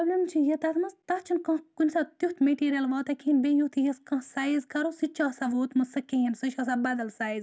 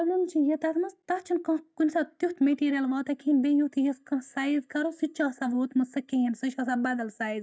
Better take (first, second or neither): first